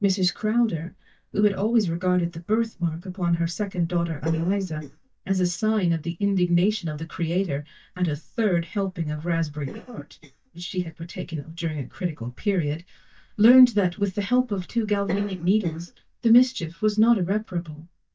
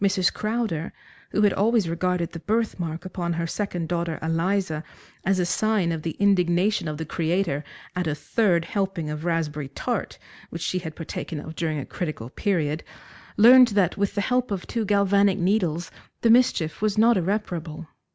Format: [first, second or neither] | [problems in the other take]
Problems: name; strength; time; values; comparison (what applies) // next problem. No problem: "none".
second | noise reduction (neural mask model DeepFilterNet 3)